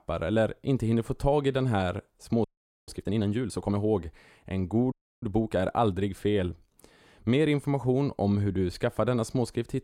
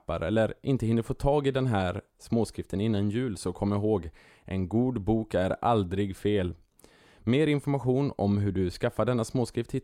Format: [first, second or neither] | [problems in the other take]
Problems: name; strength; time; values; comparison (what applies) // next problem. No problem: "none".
second | audio freezing; at 2.5 s and at 5 s